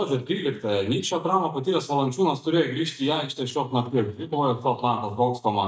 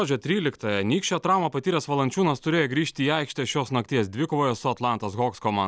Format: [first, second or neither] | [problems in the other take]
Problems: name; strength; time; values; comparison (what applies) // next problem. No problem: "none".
second | noise reduction (neural mask model DeepFilterNet 3)